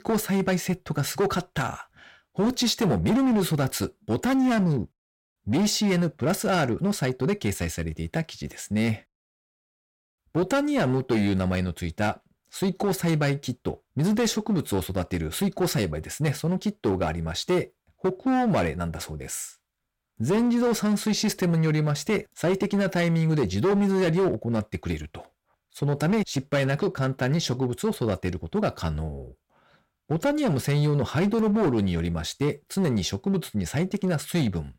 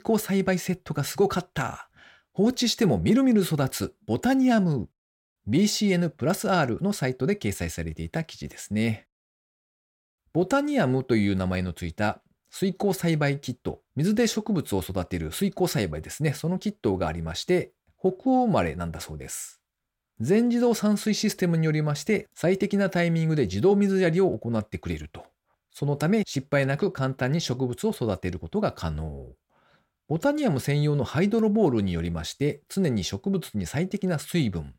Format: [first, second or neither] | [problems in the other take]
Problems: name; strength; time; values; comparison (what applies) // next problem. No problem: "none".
second | distortion; slight; 10% of the sound clipped